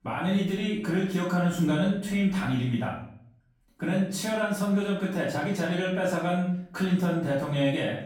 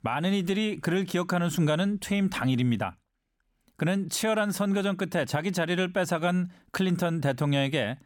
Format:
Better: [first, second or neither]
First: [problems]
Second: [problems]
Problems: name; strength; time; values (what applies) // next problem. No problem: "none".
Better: second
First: off-mic speech; far // room echo; noticeable; dies away in 0.5 s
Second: none